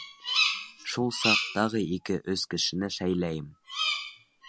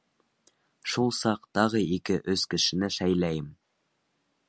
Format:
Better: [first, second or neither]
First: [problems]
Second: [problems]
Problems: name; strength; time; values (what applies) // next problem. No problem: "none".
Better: second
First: background sound (Bird vocalization, bird call, bird song); 2 dB below the speech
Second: none